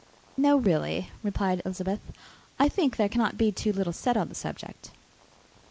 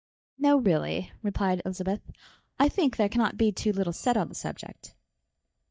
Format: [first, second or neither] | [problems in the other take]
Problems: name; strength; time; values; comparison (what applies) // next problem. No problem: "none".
first | noise reduction (neural mask model DeepFilterNet 3)